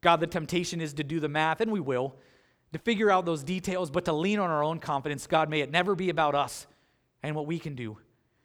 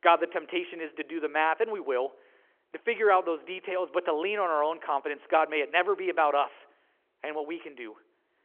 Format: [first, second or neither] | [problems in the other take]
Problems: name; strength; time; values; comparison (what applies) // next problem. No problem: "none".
first | phone-call audio; nothing above 3.5 kHz